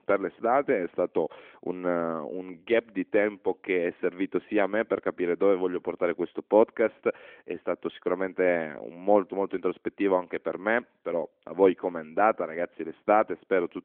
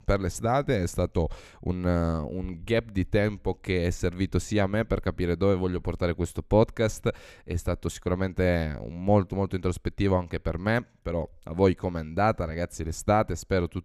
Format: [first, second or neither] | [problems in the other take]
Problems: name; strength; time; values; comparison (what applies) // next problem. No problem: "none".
second | phone-call audio; nothing above 3.5 kHz